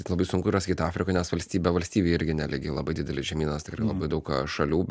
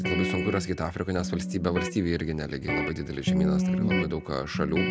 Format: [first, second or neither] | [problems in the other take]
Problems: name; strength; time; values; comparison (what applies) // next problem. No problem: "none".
first | background sound (Electric guitar); as loud as the speech